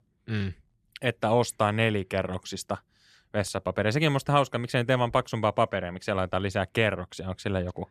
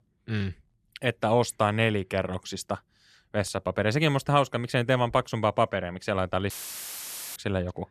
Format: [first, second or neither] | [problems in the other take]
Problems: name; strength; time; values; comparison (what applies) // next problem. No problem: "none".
first | audio cutting out; filled with static; at 6.5 s for 1 s